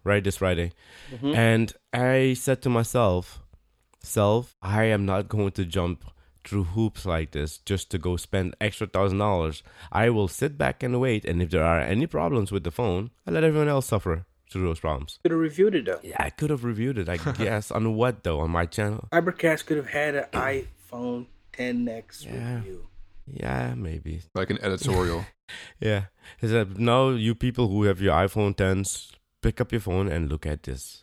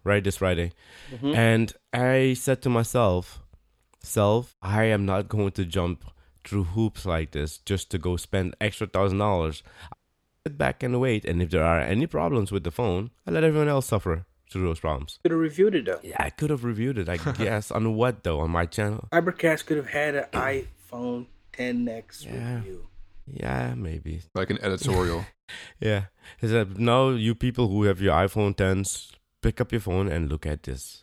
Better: first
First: none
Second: audio cutting out; at 10 s for 0.5 s

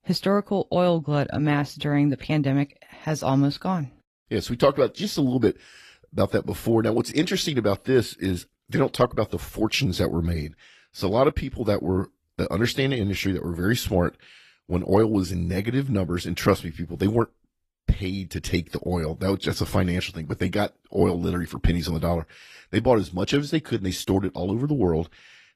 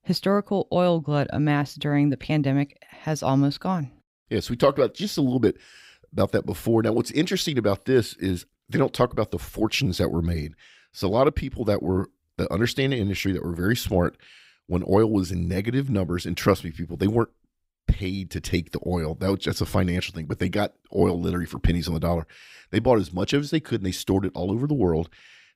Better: second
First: garbled, watery; slightly; nothing above 13.5 kHz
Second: none

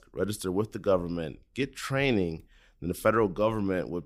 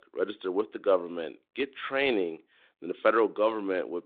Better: first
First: none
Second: phone-call audio; nothing above 3.5 kHz

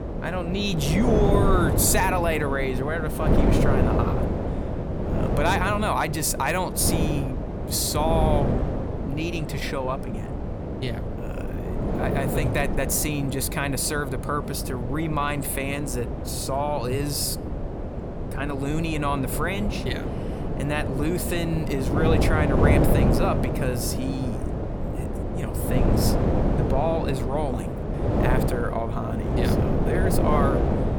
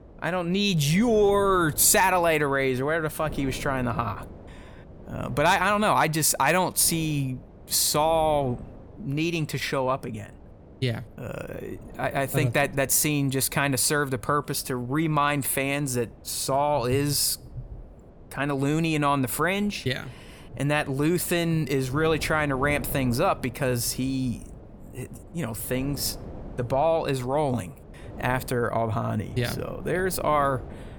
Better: second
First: wind noise on the microphone; heavy; 3 dB below the speech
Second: wind noise on the microphone; occasional gusts; 25 dB below the speech

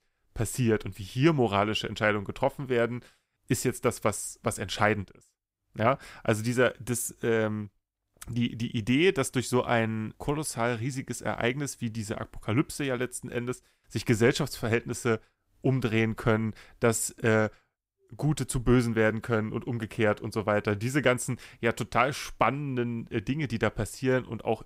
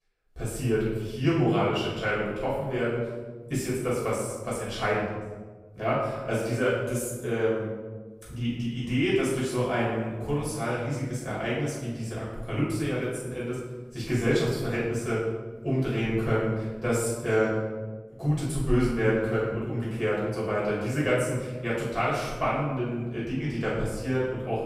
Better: first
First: none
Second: room echo; noticeable; dies away in 1.1 s // off-mic speech; far

